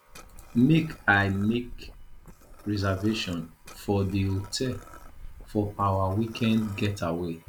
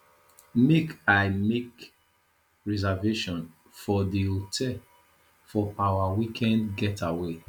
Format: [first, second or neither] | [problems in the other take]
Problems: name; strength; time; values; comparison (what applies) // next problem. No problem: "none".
second | background sound (Liquid); 17 dB below the speech